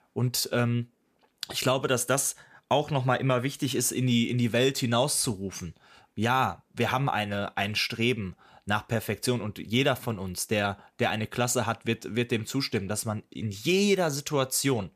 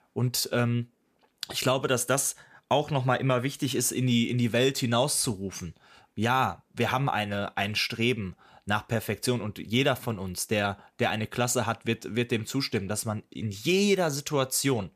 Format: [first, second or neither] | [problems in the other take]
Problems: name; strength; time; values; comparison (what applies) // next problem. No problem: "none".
neither | none